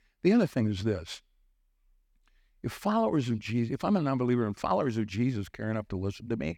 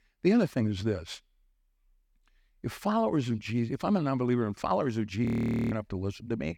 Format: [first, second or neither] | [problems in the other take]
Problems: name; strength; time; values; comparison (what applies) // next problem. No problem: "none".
first | audio freezing; at 5.5 s